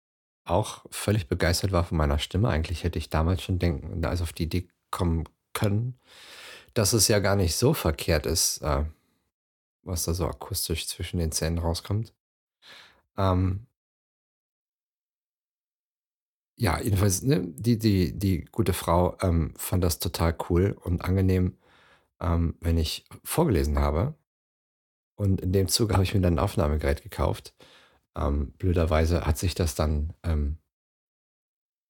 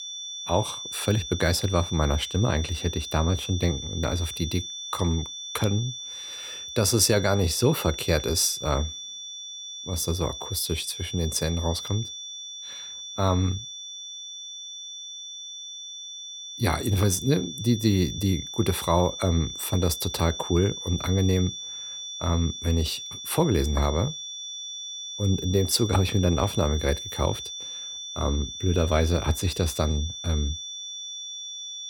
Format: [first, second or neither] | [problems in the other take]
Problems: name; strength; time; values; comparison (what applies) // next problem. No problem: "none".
first | high-pitched whine; loud; throughout; 3.5 kHz, 8 dB below the speech